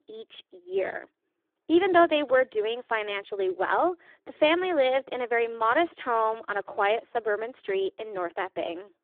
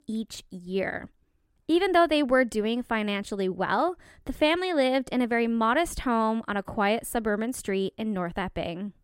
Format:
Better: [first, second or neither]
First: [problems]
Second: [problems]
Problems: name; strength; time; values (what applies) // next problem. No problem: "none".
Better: second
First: phone-call audio; poor line; nothing above 3.5 kHz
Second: none